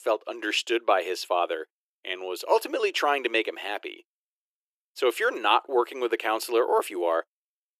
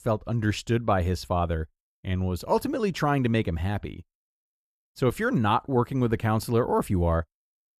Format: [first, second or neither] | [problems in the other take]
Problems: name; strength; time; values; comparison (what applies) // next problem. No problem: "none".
second | thin; very; fading below 350 Hz